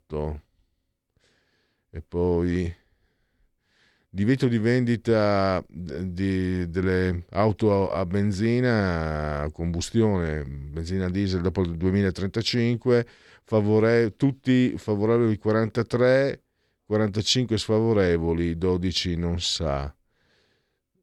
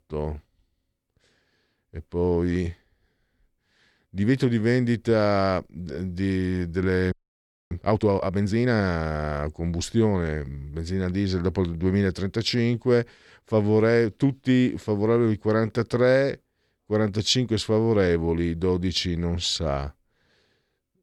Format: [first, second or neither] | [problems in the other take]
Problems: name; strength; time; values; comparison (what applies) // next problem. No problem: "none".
first | audio freezing; at 7 s for 0.5 s